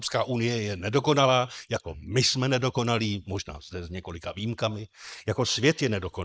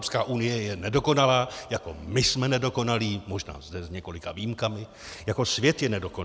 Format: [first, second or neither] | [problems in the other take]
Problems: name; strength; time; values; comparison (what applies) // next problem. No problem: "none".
second | noise reduction (neural mask model Resemble Enhance denoiser)